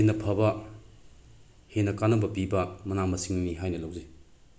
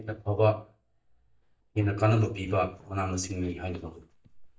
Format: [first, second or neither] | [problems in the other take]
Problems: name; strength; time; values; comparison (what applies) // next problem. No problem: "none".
first | noise reduction (neural mask model DeepFilterNet 3)